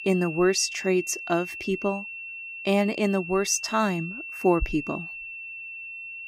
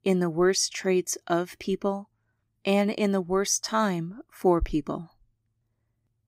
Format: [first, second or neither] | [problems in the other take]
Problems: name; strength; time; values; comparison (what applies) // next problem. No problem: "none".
second | high-pitched whine; loud; throughout; 2.5 kHz, 9 dB below the speech